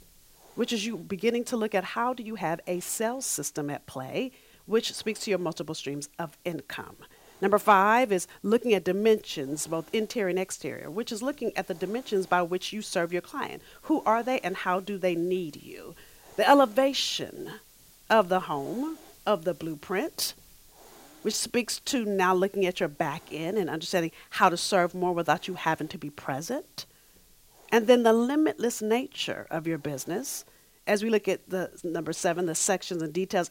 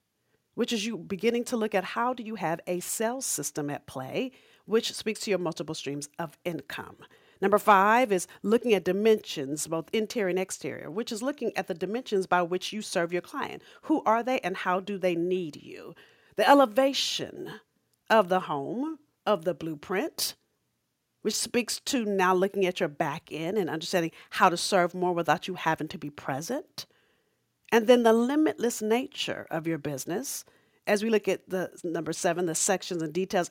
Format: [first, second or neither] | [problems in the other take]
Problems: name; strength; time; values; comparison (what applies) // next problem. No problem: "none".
second | hiss; faint; throughout; 25 dB below the speech